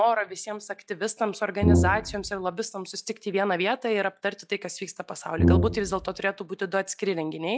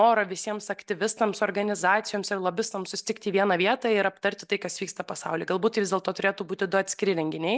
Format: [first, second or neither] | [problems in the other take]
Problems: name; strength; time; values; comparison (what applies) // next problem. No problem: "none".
second | noise reduction (classical method log-MMSE)